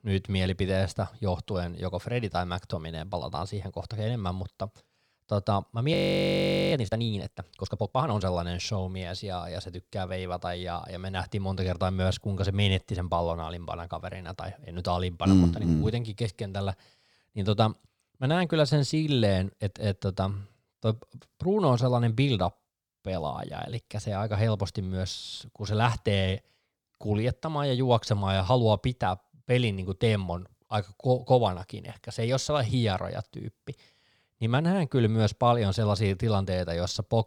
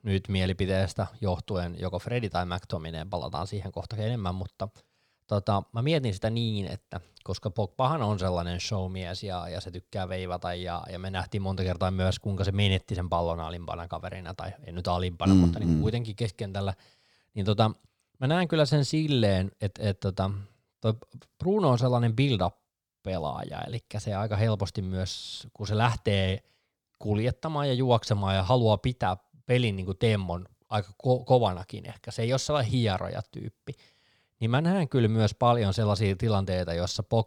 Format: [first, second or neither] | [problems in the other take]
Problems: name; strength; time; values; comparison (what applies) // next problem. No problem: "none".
second | audio freezing; at 6 s for 1 s